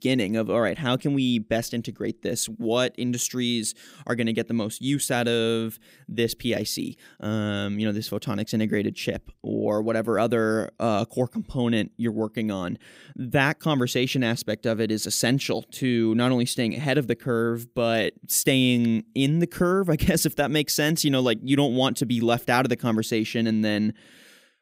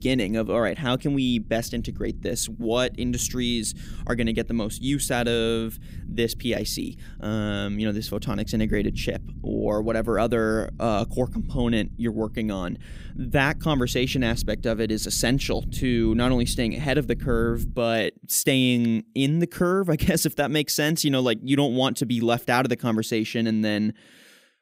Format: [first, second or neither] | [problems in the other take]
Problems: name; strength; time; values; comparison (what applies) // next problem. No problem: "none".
first | low rumble; faint; until 18 s; 25 dB below the speech